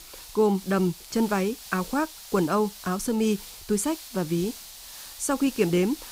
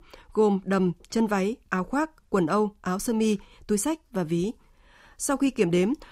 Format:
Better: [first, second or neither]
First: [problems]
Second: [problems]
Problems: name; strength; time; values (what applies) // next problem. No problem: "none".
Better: second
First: hiss; noticeable; throughout; 15 dB below the speech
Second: none